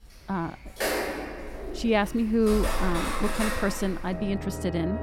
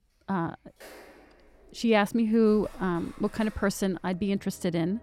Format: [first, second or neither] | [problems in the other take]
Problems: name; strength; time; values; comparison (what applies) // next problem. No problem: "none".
second | background music; loud; throughout; 5 dB below the speech; faint in the second